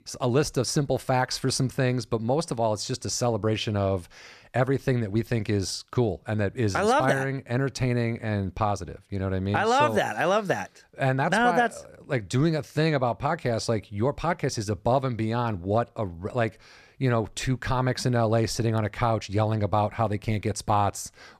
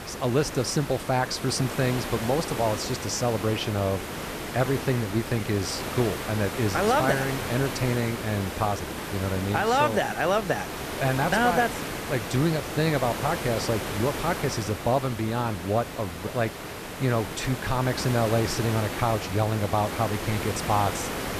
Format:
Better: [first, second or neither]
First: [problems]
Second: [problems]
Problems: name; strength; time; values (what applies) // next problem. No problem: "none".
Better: first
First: none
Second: hiss; loud; throughout; 6 dB below the speech